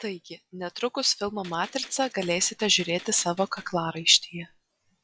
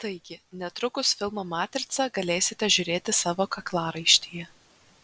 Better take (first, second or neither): second